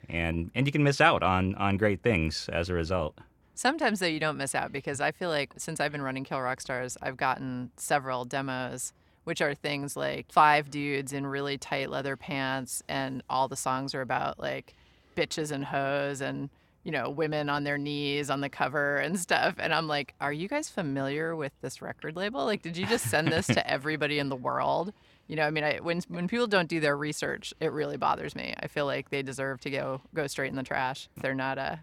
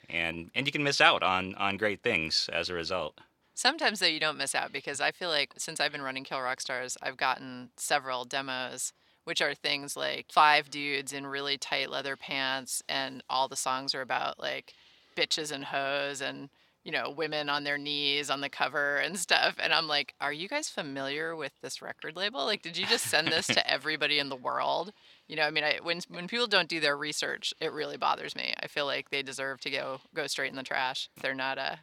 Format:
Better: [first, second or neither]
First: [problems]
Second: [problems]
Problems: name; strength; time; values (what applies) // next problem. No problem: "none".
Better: first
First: none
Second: thin; very slightly; fading below 500 Hz